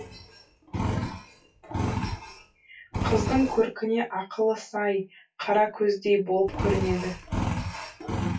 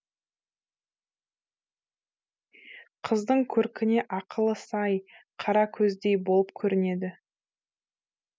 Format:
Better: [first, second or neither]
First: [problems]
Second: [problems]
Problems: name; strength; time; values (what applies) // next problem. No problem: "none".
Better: second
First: noise reduction (classical method WPE with log-MMSE)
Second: none